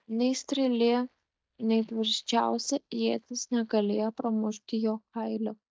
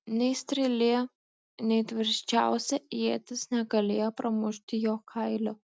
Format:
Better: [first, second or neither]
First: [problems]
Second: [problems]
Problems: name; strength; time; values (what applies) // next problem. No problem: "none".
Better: second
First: noise reduction (neural mask model DeepFilterNet 3)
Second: none